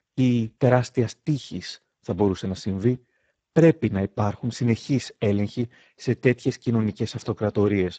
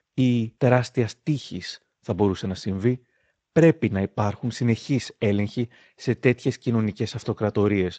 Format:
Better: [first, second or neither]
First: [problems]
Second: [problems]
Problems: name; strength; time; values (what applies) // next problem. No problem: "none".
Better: second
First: garbled, watery; badly; nothing above 7.5 kHz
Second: garbled, watery; slightly; nothing above 8 kHz